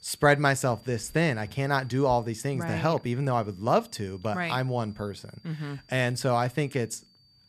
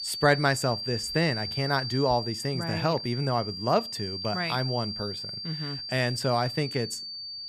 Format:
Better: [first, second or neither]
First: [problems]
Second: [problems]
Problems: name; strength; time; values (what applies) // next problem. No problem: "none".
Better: first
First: high-pitched whine; faint; throughout; 4.5 kHz, 30 dB below the speech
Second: high-pitched whine; loud; throughout; 4.5 kHz, 5 dB below the speech